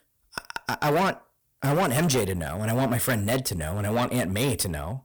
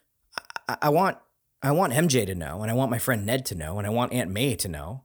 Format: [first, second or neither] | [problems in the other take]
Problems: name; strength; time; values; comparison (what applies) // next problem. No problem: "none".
second | distortion; heavy; 14% of the sound clipped